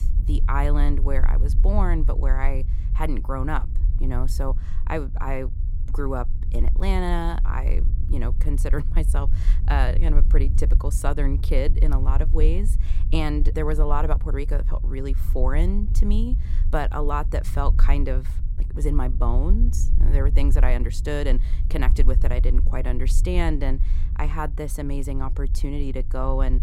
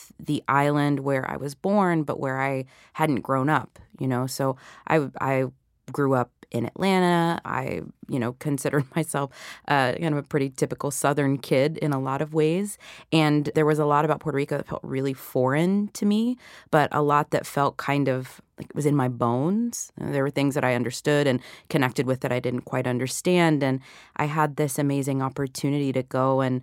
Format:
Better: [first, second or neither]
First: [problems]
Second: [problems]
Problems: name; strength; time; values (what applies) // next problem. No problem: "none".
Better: second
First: low rumble; noticeable; throughout; 15 dB below the speech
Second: none